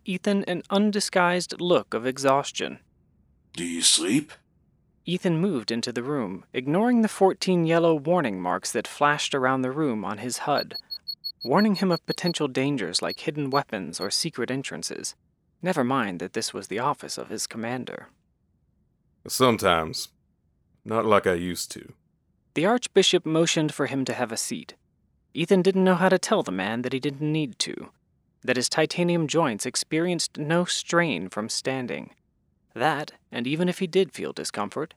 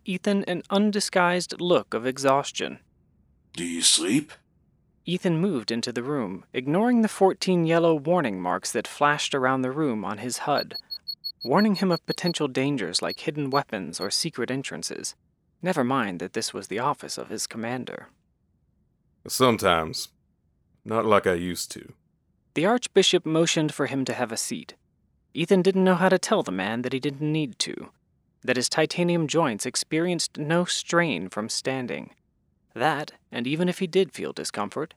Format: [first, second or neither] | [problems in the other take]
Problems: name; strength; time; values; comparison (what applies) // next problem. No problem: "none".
neither | none